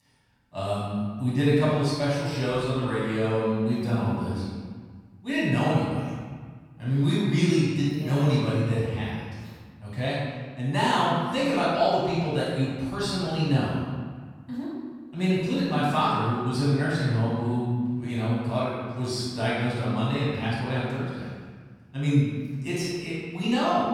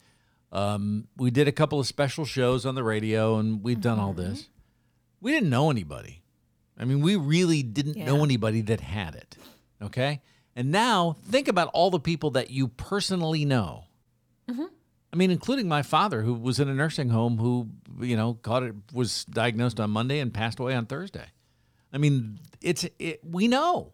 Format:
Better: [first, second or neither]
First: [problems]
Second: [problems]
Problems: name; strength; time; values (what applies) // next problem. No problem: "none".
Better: second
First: room echo; strong; dies away in 1.5 s // off-mic speech; far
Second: none